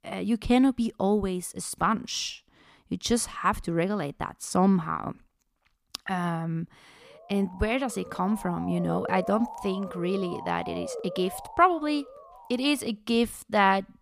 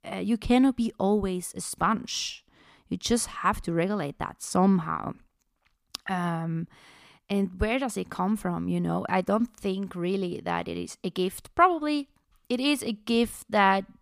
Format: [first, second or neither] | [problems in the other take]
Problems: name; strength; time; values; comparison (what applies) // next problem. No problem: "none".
second | siren; noticeable; from 7 to 13 s; peak 8 dB below the speech